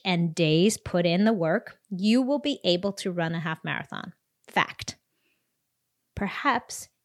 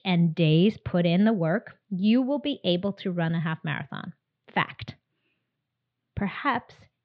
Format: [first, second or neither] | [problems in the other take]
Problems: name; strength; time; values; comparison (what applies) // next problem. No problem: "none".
first | muffled; slightly; fading above 3.5 kHz